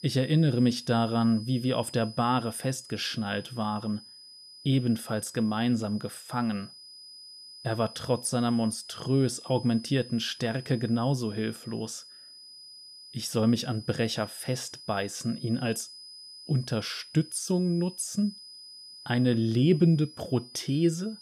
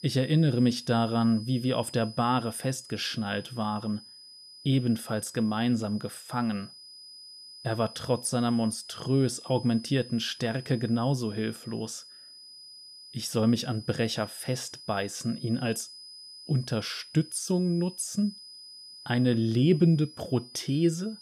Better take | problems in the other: neither | high-pitched whine; noticeable; throughout; 5 kHz, 15 dB below the speech; the same in both

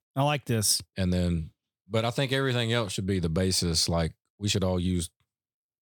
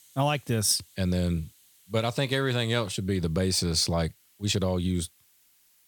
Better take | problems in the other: first | hiss; faint; throughout; 30 dB below the speech

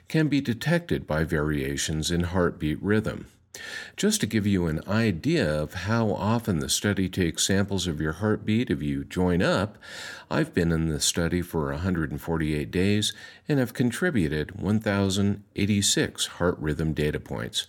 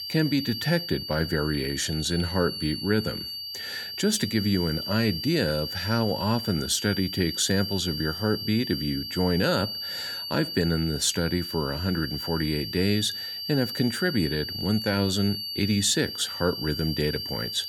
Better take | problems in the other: first | high-pitched whine; loud; throughout; 4.5 kHz, 5 dB below the speech

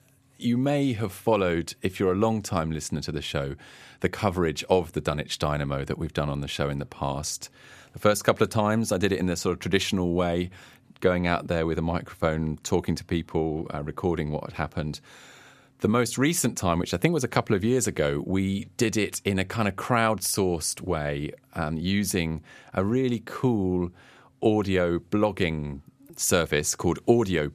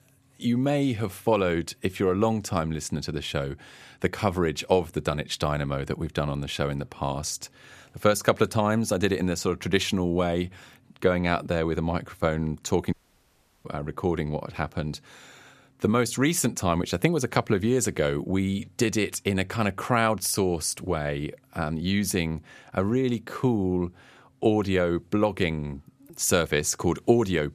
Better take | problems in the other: first | audio cutting out; at 13 s for 0.5 s

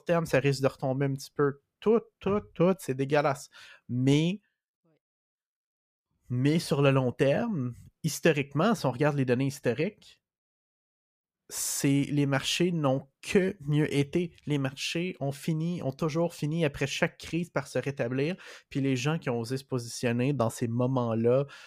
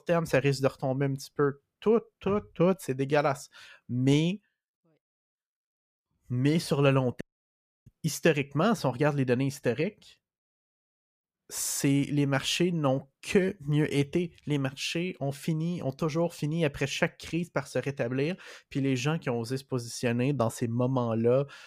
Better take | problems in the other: first | audio cutting out; at 7 s for 0.5 s

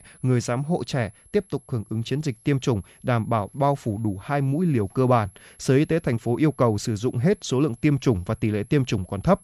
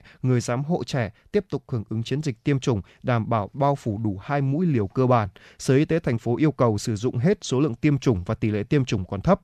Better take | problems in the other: second | high-pitched whine; faint; throughout; 11 kHz, 30 dB below the speech

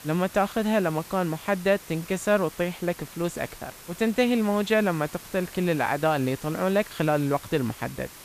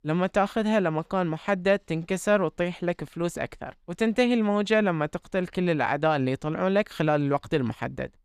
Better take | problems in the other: second | hiss; noticeable; throughout; 15 dB below the speech

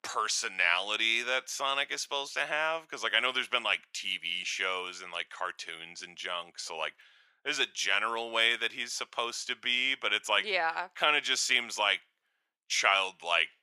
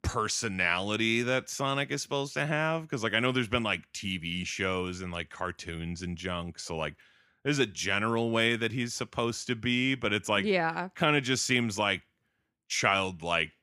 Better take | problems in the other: second | thin; very; fading below 750 Hz

